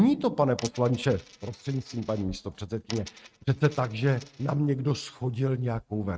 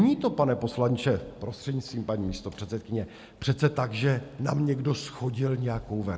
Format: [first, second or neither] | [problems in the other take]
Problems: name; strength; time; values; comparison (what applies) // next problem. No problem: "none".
second | noise reduction (neural mask model RNNoise)